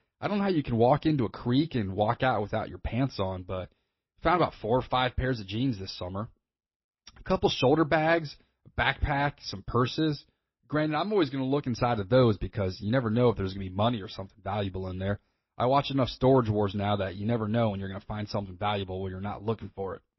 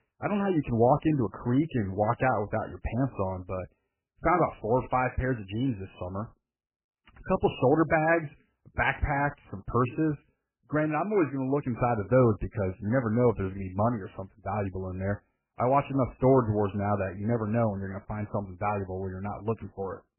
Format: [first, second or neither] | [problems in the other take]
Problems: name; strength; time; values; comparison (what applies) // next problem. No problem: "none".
first | garbled, watery; badly; nothing above 3 kHz; slightly in the first